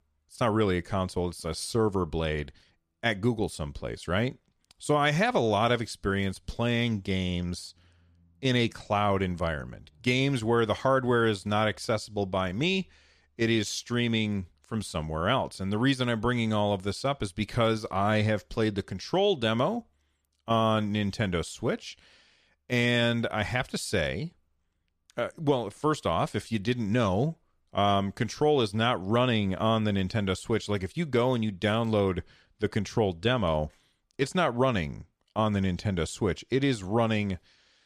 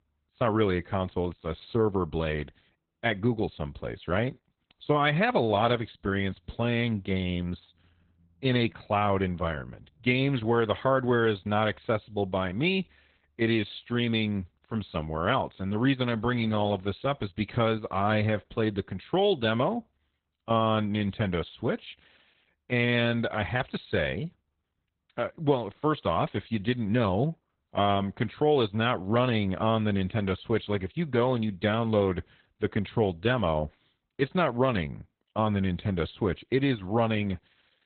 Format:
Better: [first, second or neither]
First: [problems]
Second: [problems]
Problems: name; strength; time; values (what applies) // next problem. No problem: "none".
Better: first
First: none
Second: garbled, watery; badly; nothing above 4 kHz